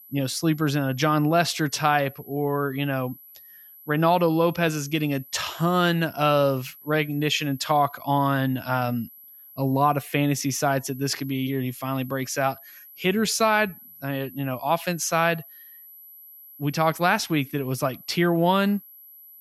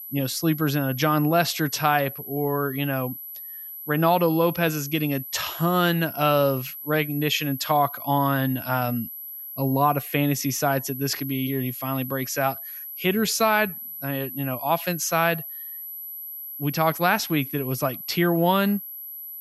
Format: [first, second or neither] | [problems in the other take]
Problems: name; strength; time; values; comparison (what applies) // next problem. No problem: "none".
first | high-pitched whine; loud; throughout; 12 kHz, 10 dB below the speech; faint in the first